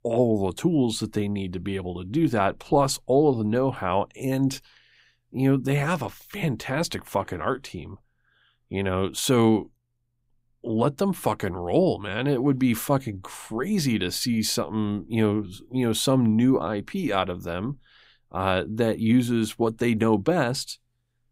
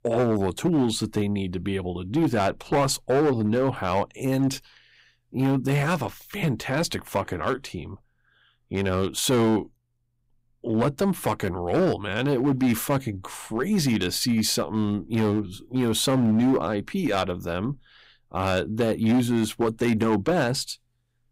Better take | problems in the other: first | distortion; slight; 7% of the sound clipped

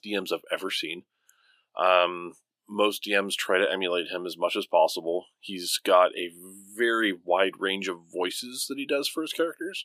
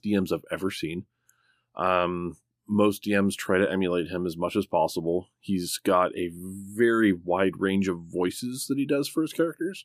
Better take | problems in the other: second | thin; somewhat; fading below 450 Hz

